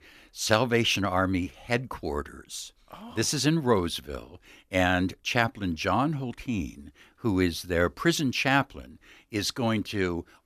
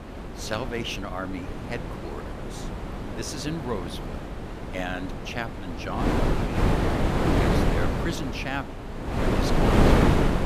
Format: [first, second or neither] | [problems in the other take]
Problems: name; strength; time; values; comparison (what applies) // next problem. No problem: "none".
first | wind noise on the microphone; heavy; 5 dB above the speech